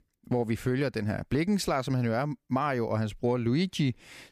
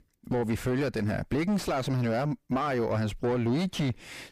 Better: first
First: none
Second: distortion; heavy; 6 dB below the speech

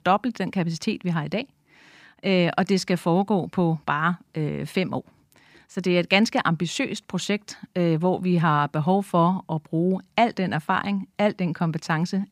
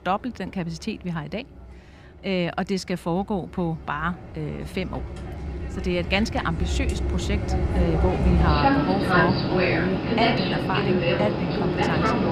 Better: first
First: none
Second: train or aircraft noise; very loud; throughout; 4 dB above the speech

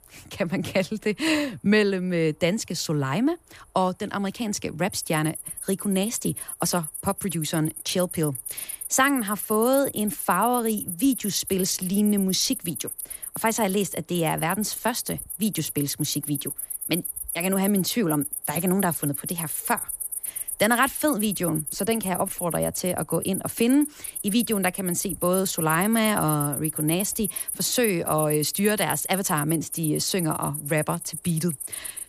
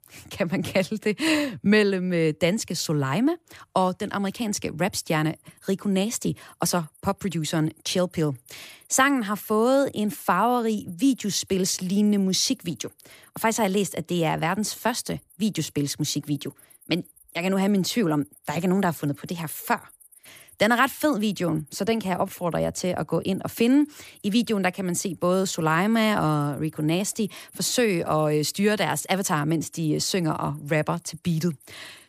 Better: second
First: animal sounds; loud; throughout; 5 dB below the speech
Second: animal sounds; faint; throughout; 25 dB below the speech

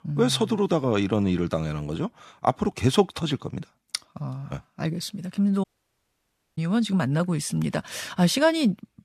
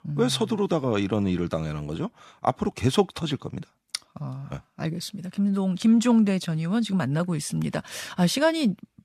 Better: second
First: audio cutting out; at 5.5 s for 1 s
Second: none

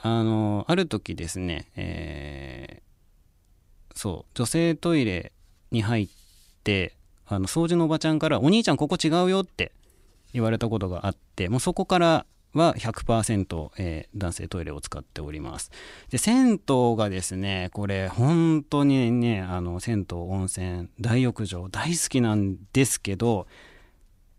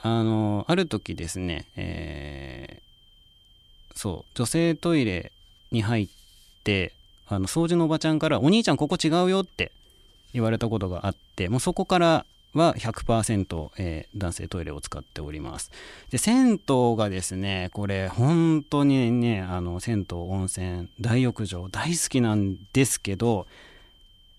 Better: first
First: none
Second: high-pitched whine; faint; throughout; 3 kHz, 30 dB below the speech

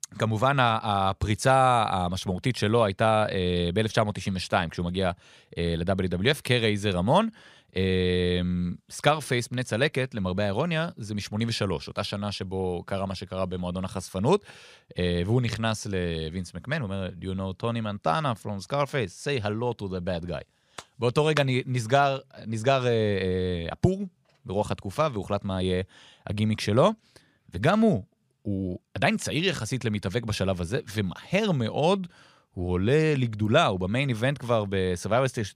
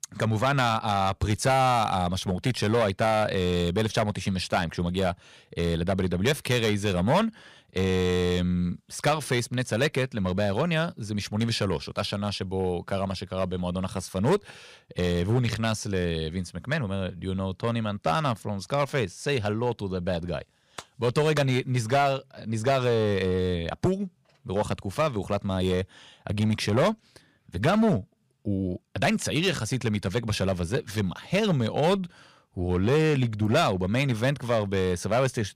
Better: first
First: none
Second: distortion; slight; 5% of the sound clipped

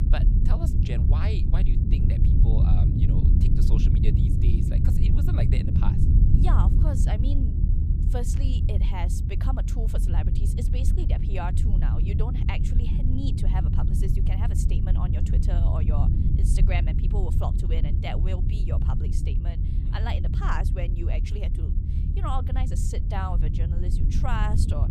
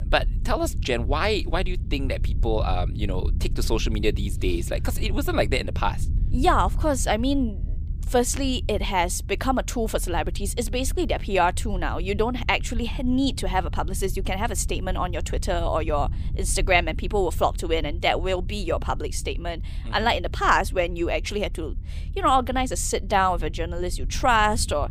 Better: second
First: low rumble; loud; throughout; 1 dB below the speech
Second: low rumble; faint; throughout; 25 dB below the speech

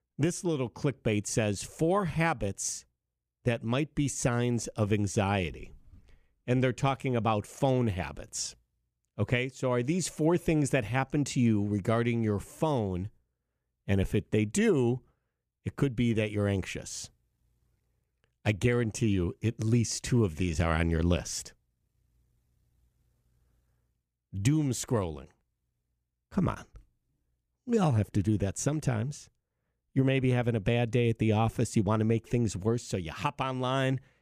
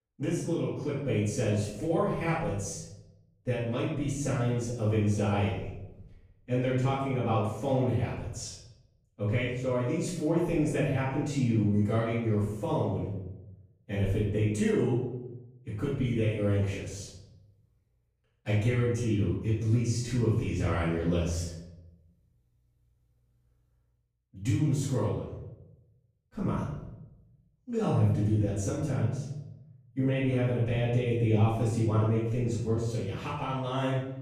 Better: first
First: none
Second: off-mic speech; far // room echo; noticeable; dies away in 0.8 s

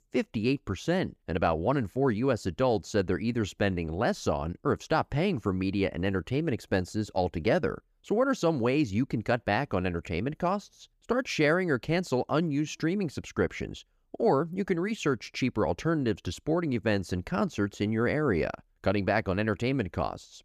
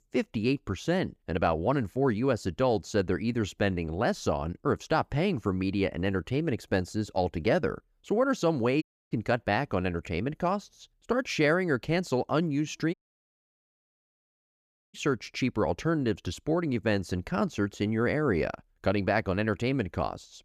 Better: first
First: none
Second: audio cutting out; at 9 s and at 13 s for 2 s

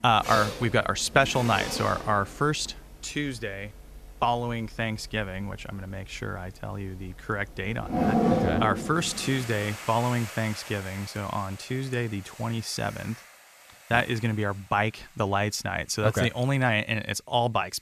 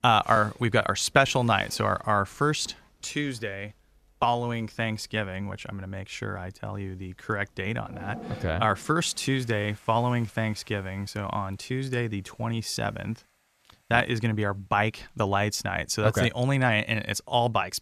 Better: second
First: household noises; loud; throughout; 5 dB below the speech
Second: household noises; faint; throughout; 20 dB below the speech

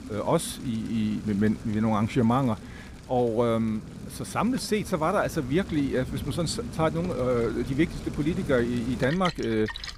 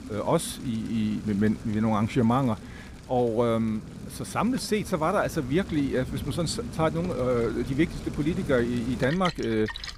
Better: neither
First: rain or running water; noticeable; throughout; 10 dB below the speech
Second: rain or running water; noticeable; throughout; 10 dB below the speech

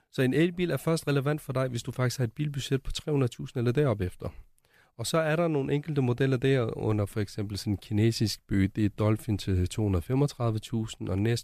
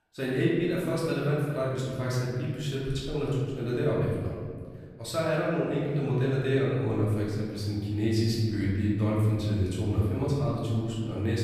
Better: first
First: none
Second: off-mic speech; far // room echo; noticeable; dies away in 1.6 s

